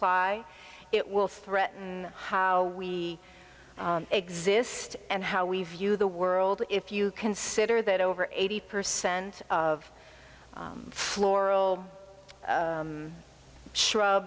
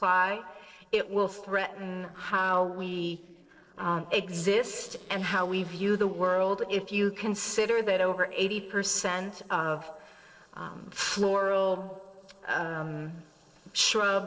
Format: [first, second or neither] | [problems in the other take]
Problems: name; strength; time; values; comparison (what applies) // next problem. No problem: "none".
first | noise reduction (neural separator model SepFormer DNS4)